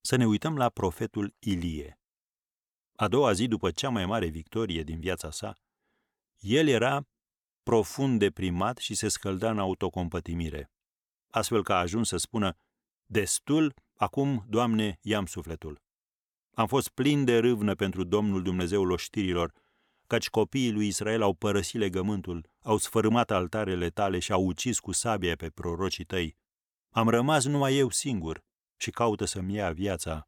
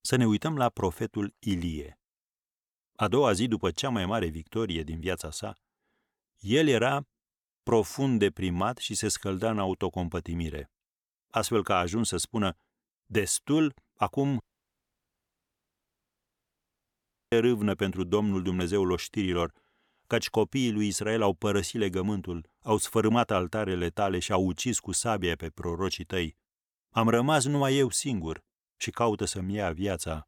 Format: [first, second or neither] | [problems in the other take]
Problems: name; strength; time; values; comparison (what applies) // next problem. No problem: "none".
first | audio cutting out; at 14 s for 3 s